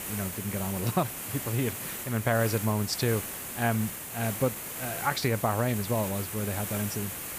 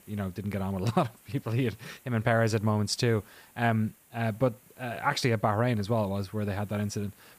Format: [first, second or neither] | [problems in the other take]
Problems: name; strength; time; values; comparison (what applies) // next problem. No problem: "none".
second | hiss; loud; throughout; 5 dB below the speech; faint in the second